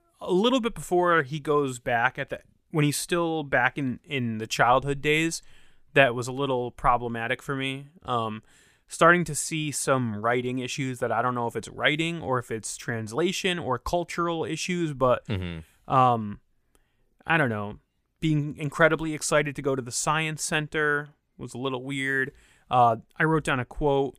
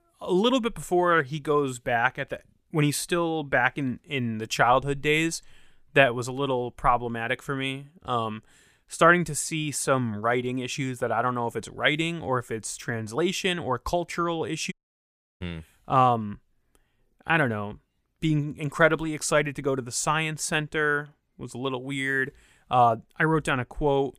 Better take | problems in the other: first | audio cutting out; at 15 s for 0.5 s

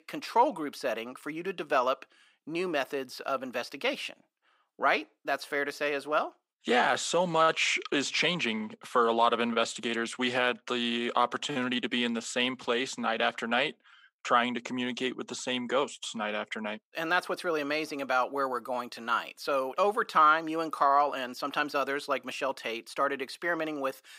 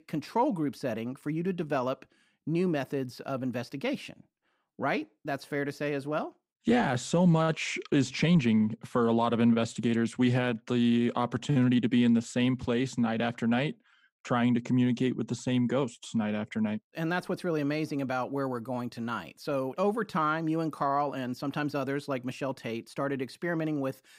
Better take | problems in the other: second | thin; somewhat; fading below 500 Hz

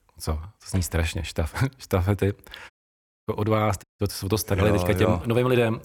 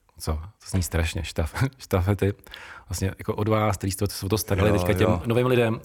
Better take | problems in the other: second | audio cutting out; at 2.5 s for 0.5 s and at 4 s

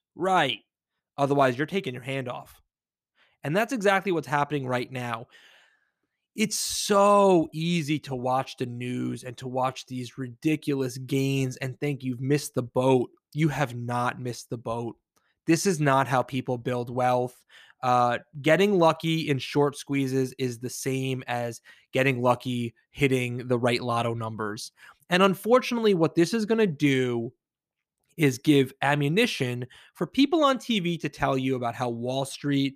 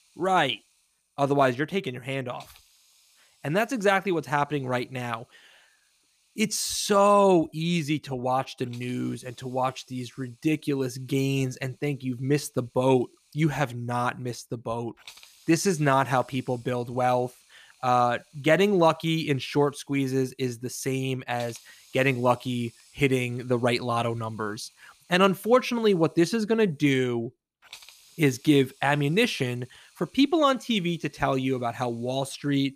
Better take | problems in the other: first | hiss; faint; throughout; 30 dB below the speech

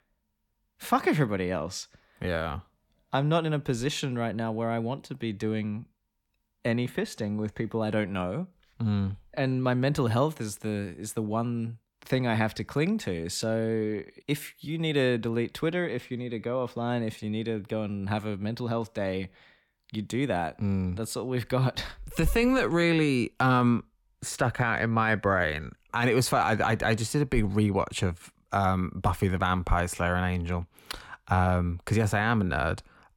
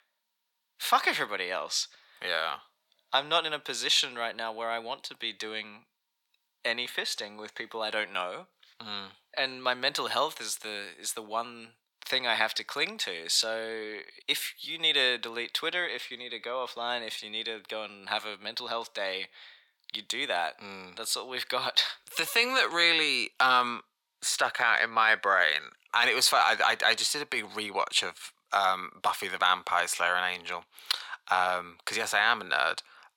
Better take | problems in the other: first | thin; very; fading below 850 Hz

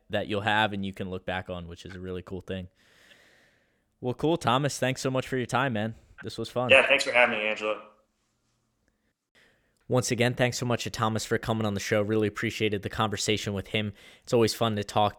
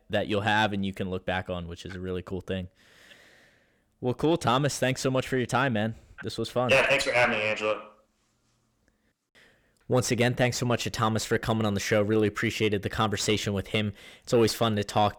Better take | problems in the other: first | distortion; slight; 10 dB below the speech

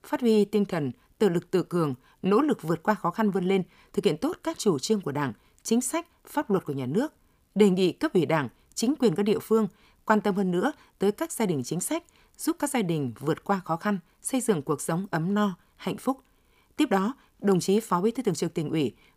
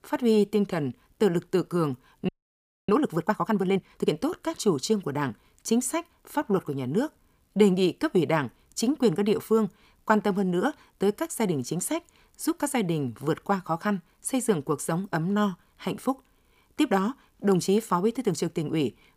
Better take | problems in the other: first | audio freezing; at 2.5 s for 0.5 s

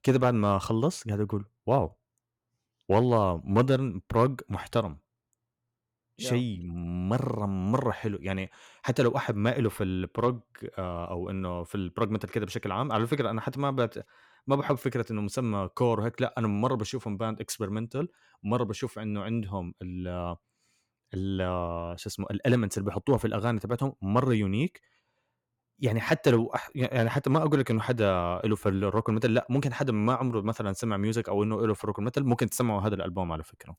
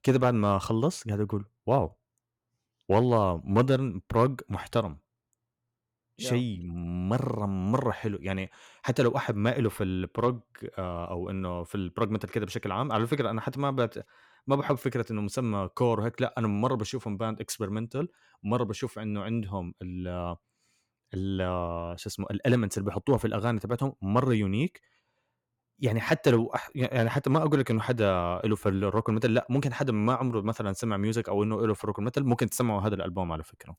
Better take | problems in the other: neither | none

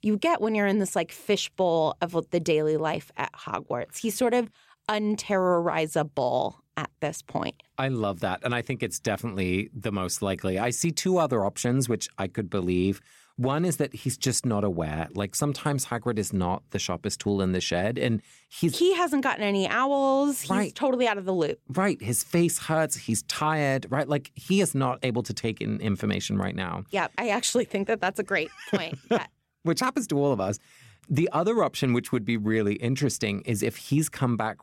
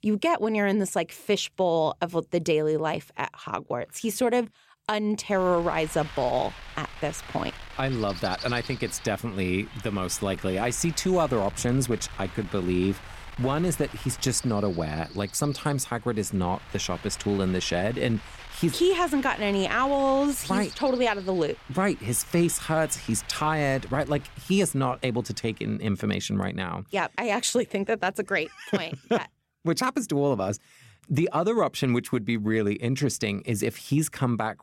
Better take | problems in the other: first | wind noise on the microphone; occasional gusts; from 5.5 to 26 s; 15 dB below the speech

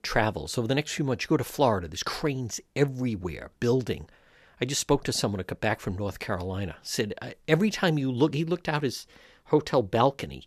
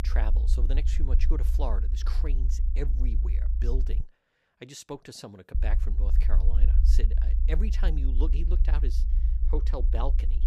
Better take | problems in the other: first | low rumble; loud; until 4 s and from 5.5 s on; 8 dB below the speech

